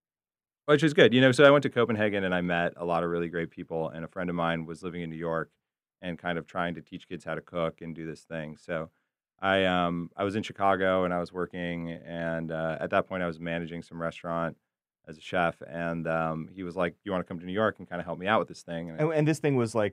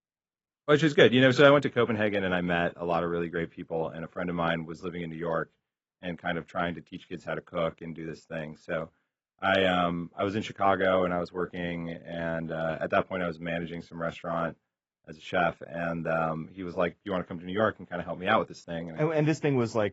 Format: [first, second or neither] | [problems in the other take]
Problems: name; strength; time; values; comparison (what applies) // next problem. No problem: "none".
first | garbled, watery; badly; nothing above 7.5 kHz